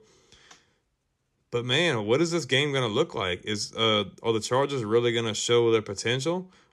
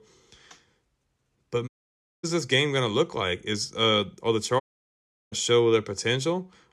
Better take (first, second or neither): first